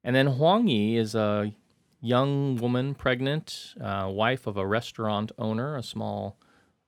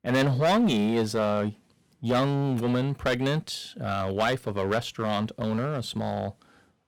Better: first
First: none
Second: distortion; heavy; 9% of the sound clipped

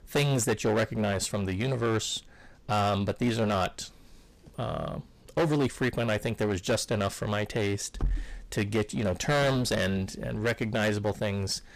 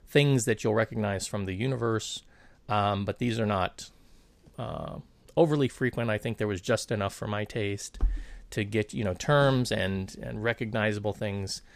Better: second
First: distortion; heavy; 13% of the sound clipped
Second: none

